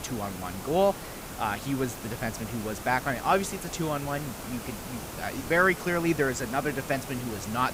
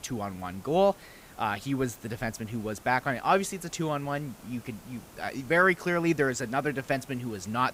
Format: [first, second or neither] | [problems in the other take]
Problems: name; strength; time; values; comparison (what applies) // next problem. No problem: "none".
second | hiss; loud; throughout; 9 dB below the speech; faint in the second